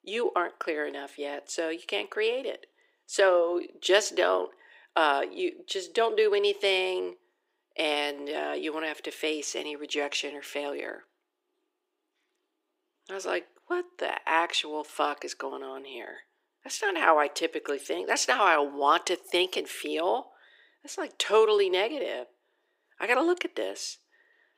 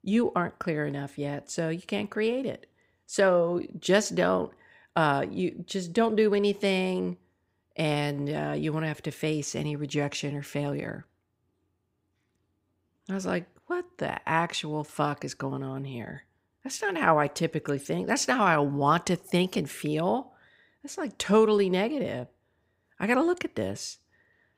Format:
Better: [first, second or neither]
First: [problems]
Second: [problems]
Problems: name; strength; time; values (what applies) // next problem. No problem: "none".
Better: second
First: thin; very; fading below 350 Hz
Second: none